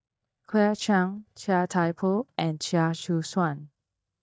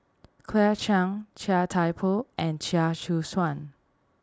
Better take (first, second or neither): second